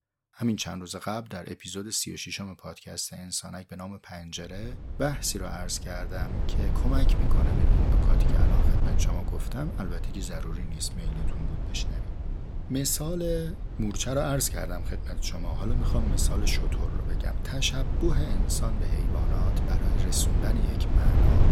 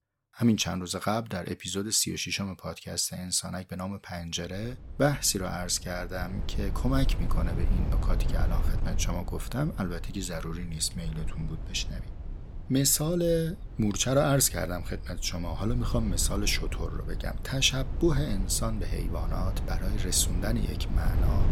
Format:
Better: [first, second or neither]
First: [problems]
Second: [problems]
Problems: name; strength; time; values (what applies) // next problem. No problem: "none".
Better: second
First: wind noise on the microphone; heavy; from 4.5 s on; 6 dB below the speech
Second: wind noise on the microphone; occasional gusts; from 4.5 s on; 15 dB below the speech